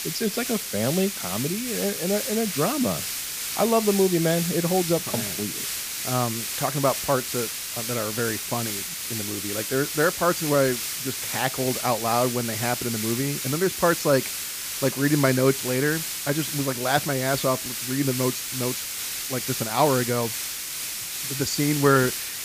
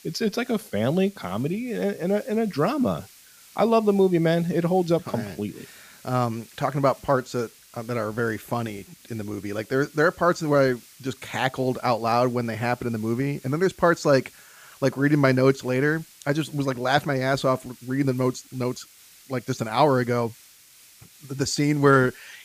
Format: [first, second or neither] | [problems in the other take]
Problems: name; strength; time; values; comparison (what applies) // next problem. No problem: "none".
second | hiss; loud; throughout; 3 dB below the speech; faint in the second